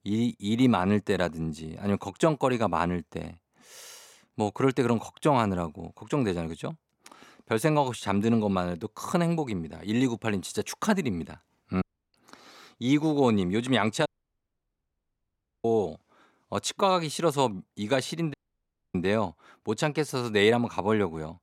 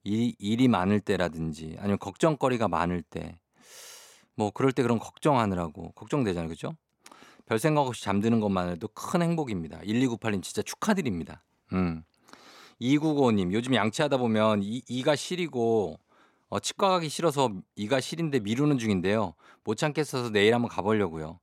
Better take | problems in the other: second | audio cutting out; at 12 s, at 14 s for 1.5 s and at 18 s for 0.5 s

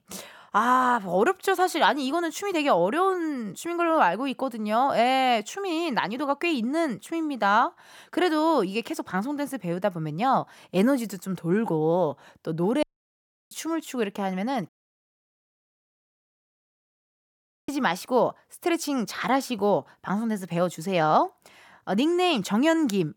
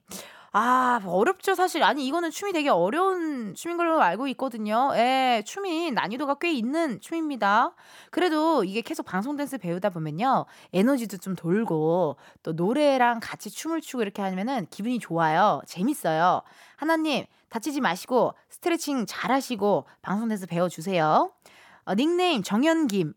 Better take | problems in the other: second | audio cutting out; at 13 s for 0.5 s and at 15 s for 3 s

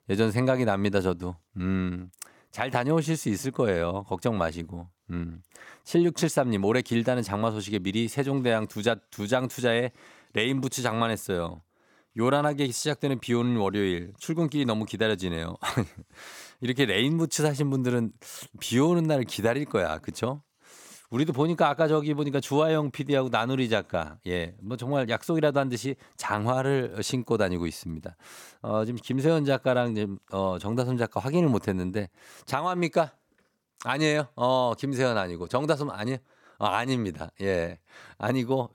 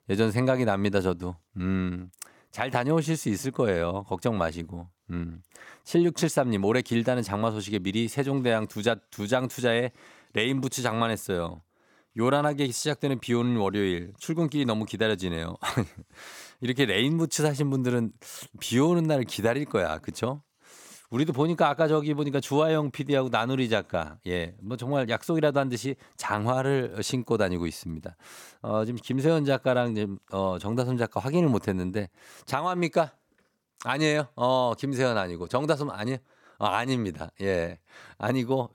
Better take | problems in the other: neither | none

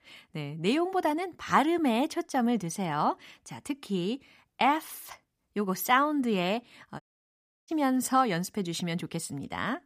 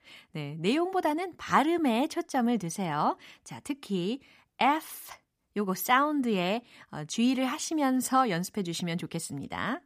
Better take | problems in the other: second | audio cutting out; at 7 s for 0.5 s

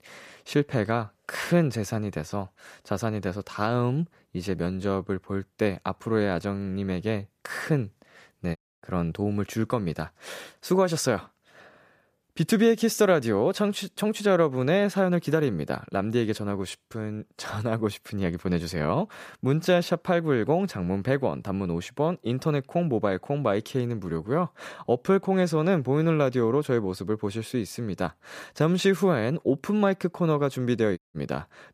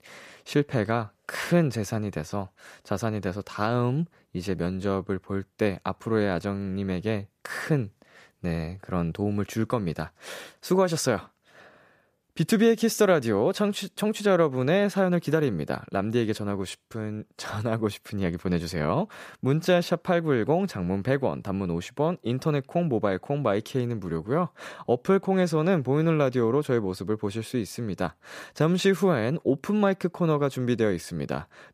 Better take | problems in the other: second | audio cutting out; at 8.5 s and at 31 s

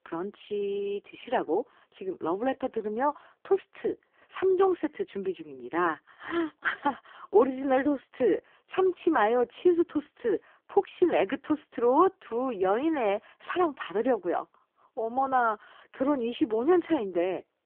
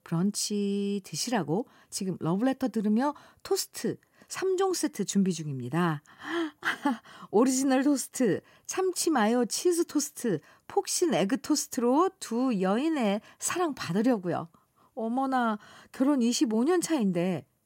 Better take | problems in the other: second | phone-call audio; poor line

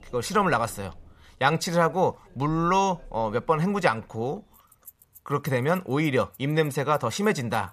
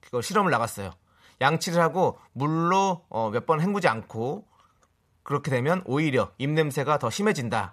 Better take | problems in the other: second | household noises; faint; throughout; 25 dB below the speech

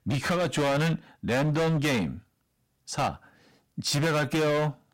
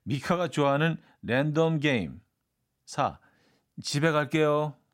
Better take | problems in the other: second | distortion; heavy; 22% of the sound clipped

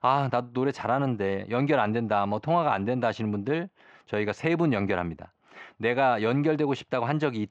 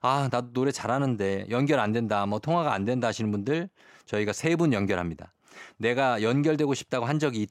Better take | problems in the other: second | muffled; slightly; fading above 3 kHz

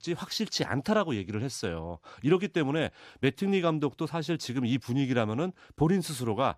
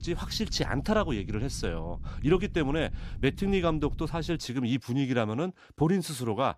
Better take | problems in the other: first | low rumble; faint; until 4.5 s; 25 dB below the speech

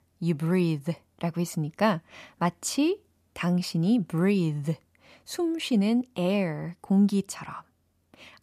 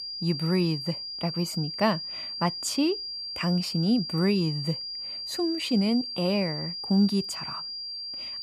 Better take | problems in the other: first | high-pitched whine; loud; throughout; 5 kHz, 5 dB below the speech

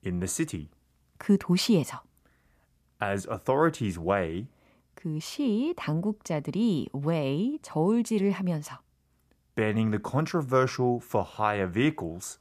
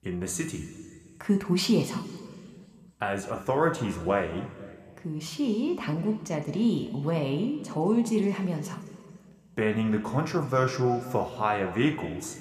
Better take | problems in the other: first | room echo; slight; dies away in 1.7 s

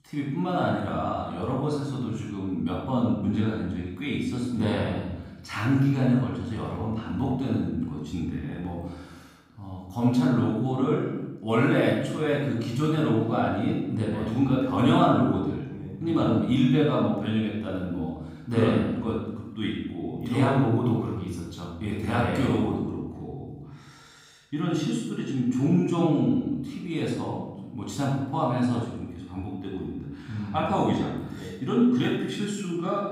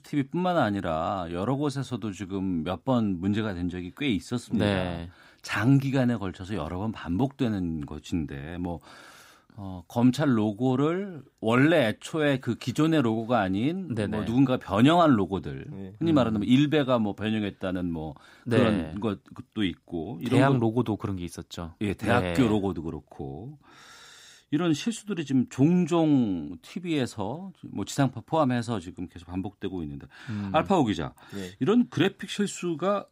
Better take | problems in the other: second | off-mic speech; far // room echo; noticeable; dies away in 0.9 s

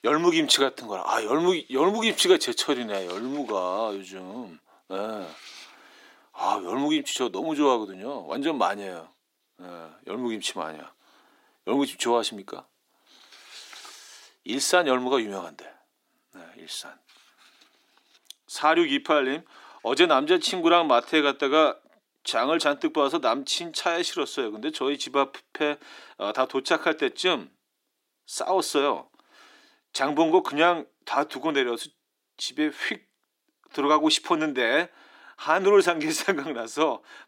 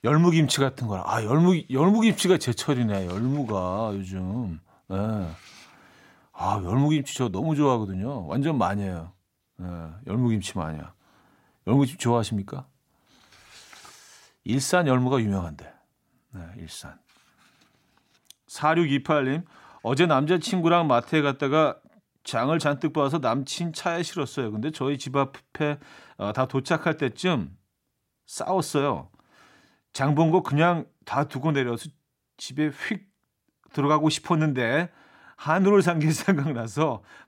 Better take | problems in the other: second | thin; somewhat; fading below 300 Hz

